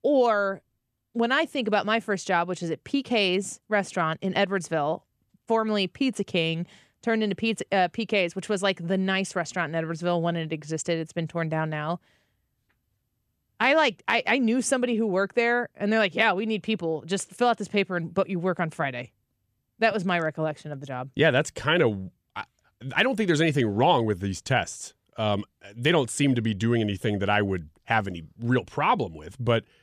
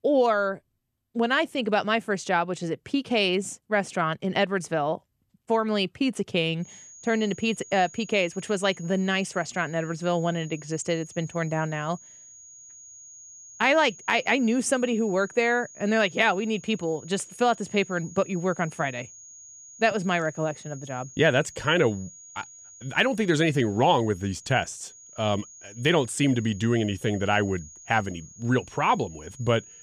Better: first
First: none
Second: high-pitched whine; noticeable; from 6.5 s on; 6.5 kHz, 20 dB below the speech

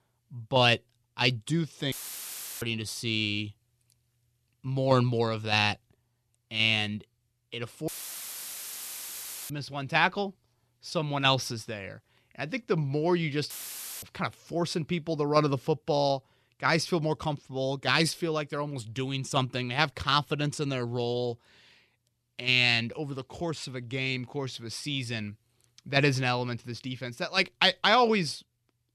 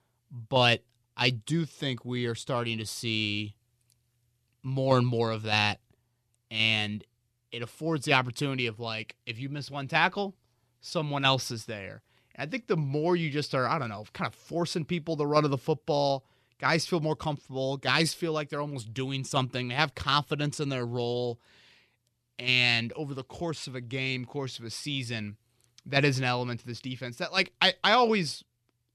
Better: second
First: audio cutting out; filled with static; at 2 s for 0.5 s, at 8 s for 1.5 s and at 14 s for 0.5 s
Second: none

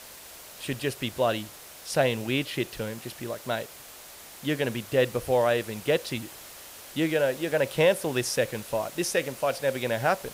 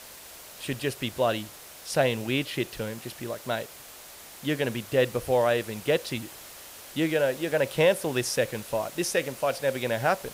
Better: neither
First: hiss; noticeable; throughout; 15 dB below the speech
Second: hiss; noticeable; throughout; 15 dB below the speech

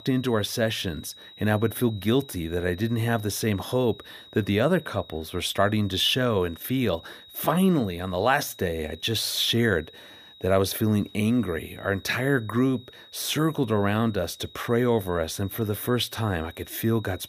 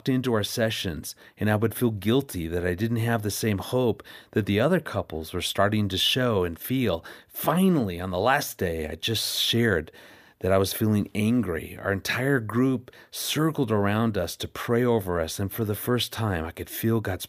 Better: second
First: high-pitched whine; faint; throughout; 4 kHz, 20 dB below the speech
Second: none

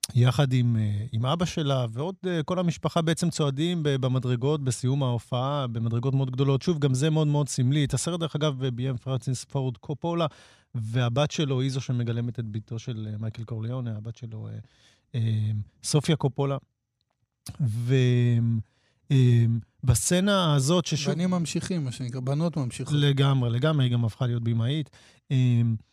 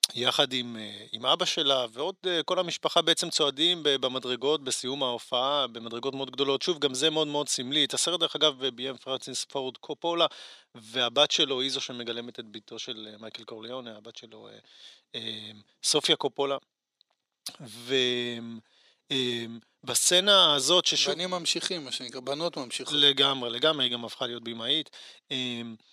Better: first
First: none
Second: thin; very; fading below 350 Hz

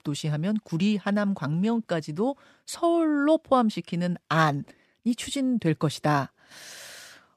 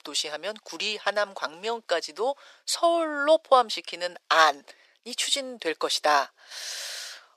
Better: first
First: none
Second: thin; very; fading below 450 Hz

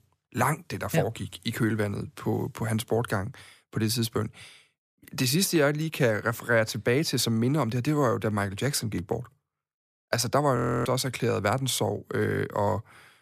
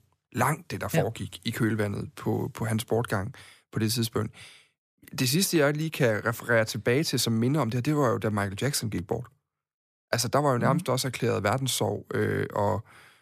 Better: second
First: audio freezing; at 11 s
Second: none

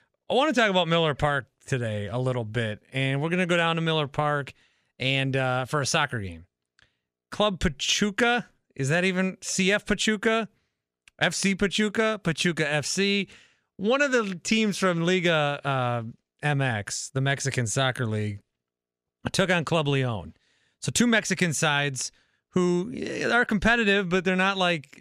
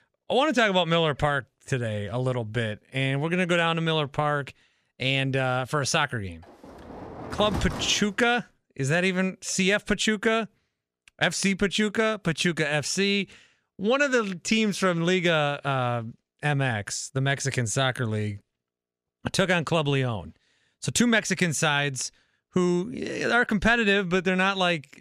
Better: first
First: none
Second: door banging; noticeable; from 6.5 to 8 s; peak 7 dB below the speech

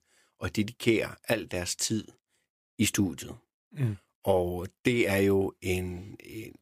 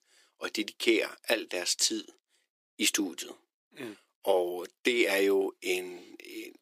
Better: first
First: none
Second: thin; somewhat; fading below 350 Hz

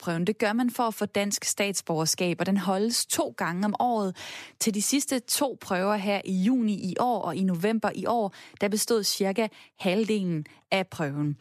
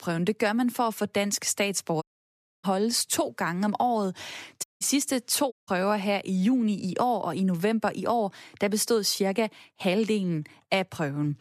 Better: first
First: none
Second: audio cutting out; at 2 s for 0.5 s, at 4.5 s and at 5.5 s

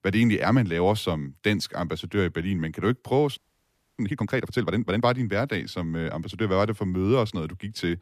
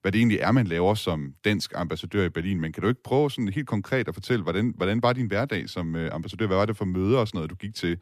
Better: second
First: audio freezing; at 3.5 s for 0.5 s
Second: none

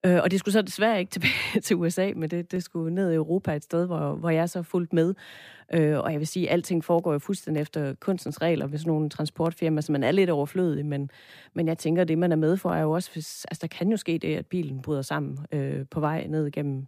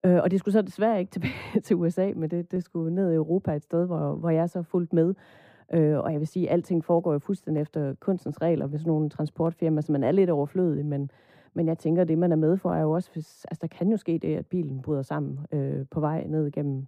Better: first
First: none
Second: muffled; slightly; fading above 1.5 kHz

